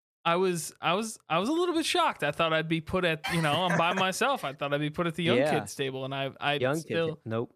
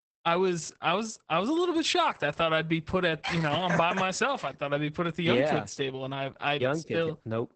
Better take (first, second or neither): first